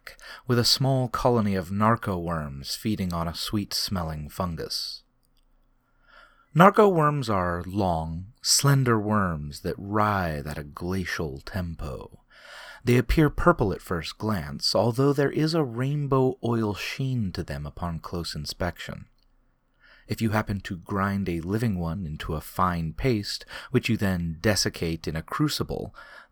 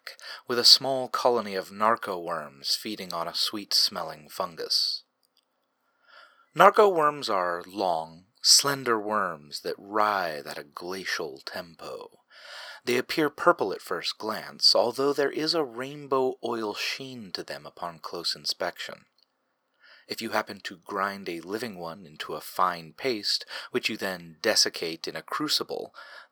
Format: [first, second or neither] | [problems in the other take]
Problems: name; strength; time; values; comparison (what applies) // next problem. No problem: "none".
first | thin; somewhat; fading below 450 Hz